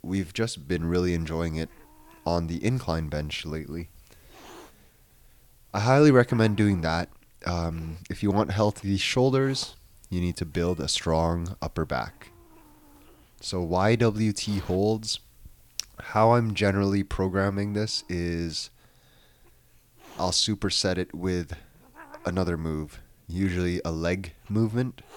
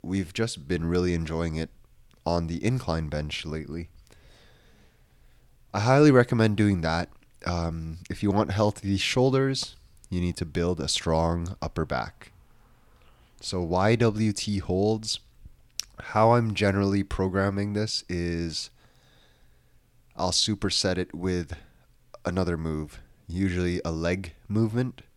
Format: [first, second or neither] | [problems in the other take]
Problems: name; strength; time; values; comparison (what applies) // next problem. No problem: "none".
second | hiss; faint; throughout; 30 dB below the speech